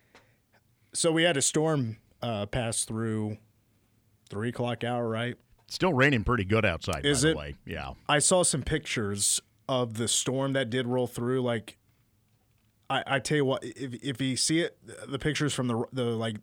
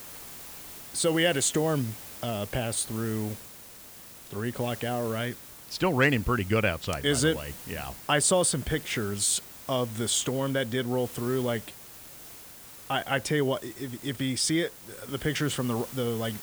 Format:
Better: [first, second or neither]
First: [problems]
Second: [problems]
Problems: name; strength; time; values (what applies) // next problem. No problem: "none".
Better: first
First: none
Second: hiss; noticeable; throughout; 15 dB below the speech